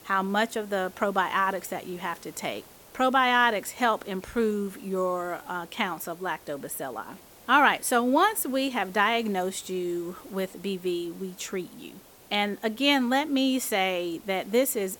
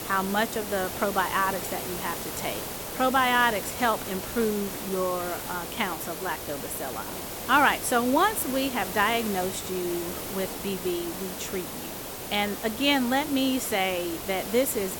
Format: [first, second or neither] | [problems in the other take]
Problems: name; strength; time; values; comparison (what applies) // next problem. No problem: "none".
first | hiss; loud; throughout; 7 dB below the speech; faint in the first